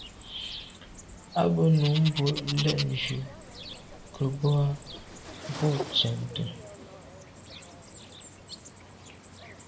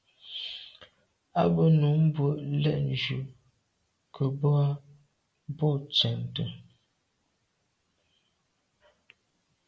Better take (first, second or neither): second